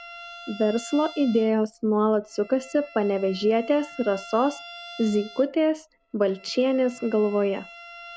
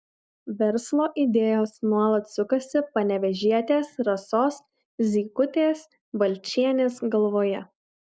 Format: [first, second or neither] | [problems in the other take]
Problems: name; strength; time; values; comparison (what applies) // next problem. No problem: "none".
second | background sound (Bowed string instrument); 19 dB below the speech